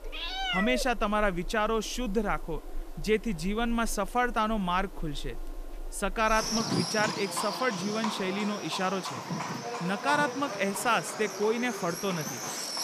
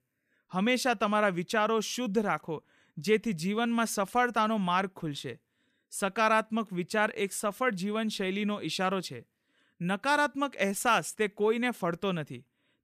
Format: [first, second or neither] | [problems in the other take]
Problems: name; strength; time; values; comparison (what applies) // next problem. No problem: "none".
second | animal sounds; loud; throughout; 6 dB below the speech